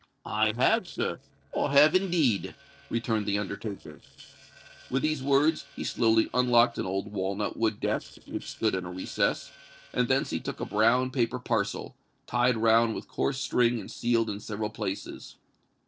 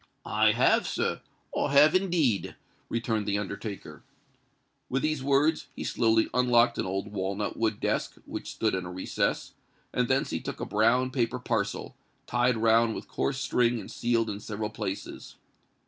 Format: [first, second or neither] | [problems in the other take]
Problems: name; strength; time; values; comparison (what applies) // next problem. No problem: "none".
second | noise reduction (neural separator model SepFormer DNS4)